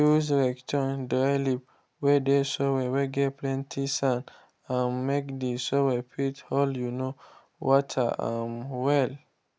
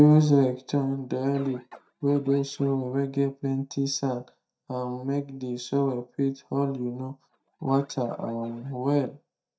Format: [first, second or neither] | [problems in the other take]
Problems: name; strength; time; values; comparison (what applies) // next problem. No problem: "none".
first | noise reduction (neural mask model DeepFilterNet 3)